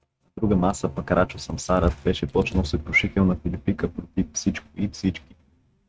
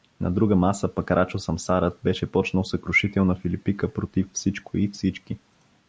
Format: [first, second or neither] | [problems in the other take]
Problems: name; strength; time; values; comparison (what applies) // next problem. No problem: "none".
second | noise reduction (neural mask model RNNoise)